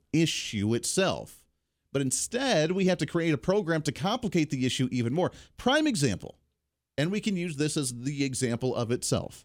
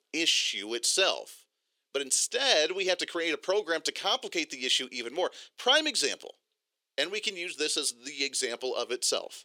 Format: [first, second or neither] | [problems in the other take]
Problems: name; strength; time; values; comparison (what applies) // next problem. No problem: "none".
first | thin; very; fading below 400 Hz